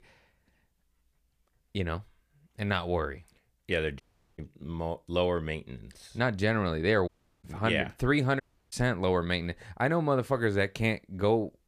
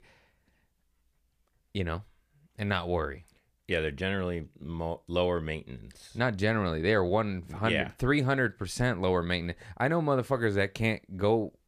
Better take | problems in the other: second | audio cutting out; at 4 s, at 7 s and at 8.5 s

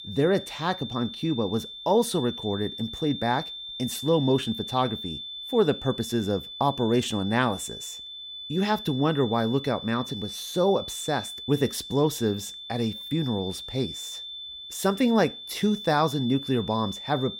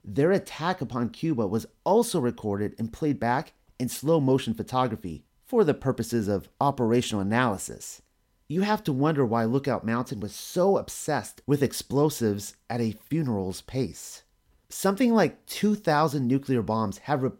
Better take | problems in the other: second | high-pitched whine; loud; throughout; 3.5 kHz, 9 dB below the speech

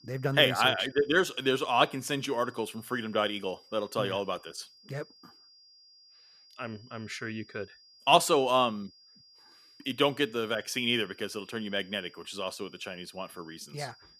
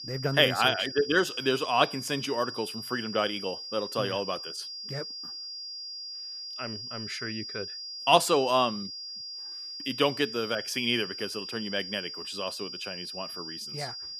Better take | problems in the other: first | high-pitched whine; loud; throughout; 5 kHz, 8 dB below the speech; faint in the first

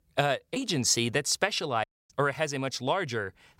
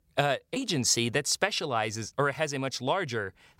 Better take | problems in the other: second | audio cutting out; at 2 s

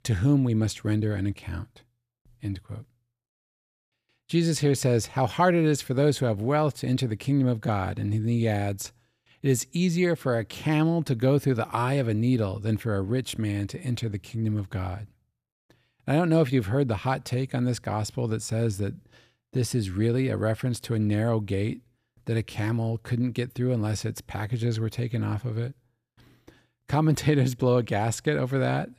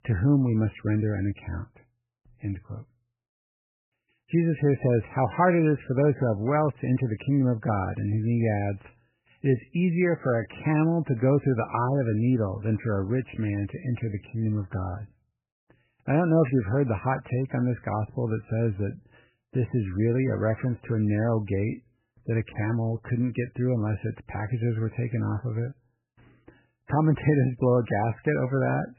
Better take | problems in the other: first | garbled, watery; badly; nothing above 2.5 kHz

